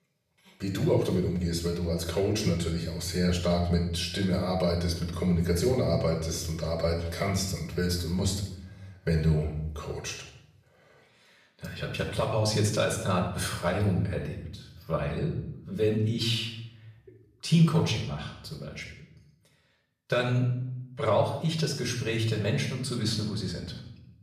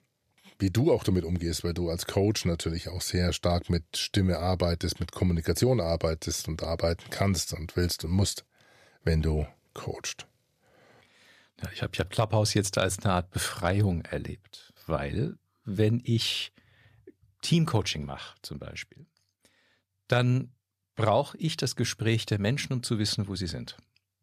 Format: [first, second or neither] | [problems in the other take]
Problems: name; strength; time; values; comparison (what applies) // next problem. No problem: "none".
second | off-mic speech; far // room echo; noticeable; dies away in 0.7 s